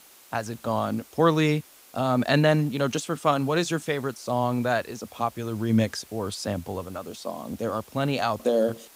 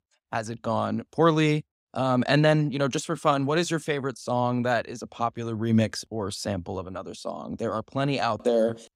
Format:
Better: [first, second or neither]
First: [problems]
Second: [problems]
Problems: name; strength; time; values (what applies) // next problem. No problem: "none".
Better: second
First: hiss; faint; throughout; 25 dB below the speech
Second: none